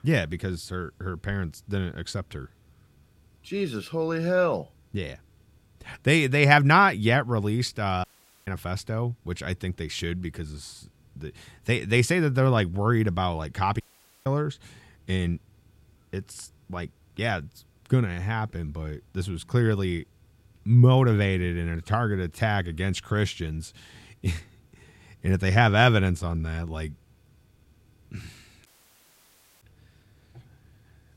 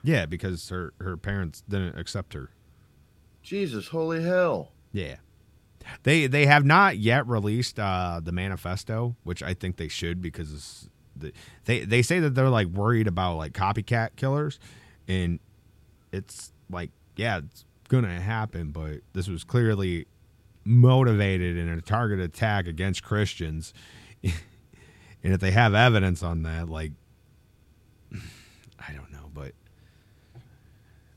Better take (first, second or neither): second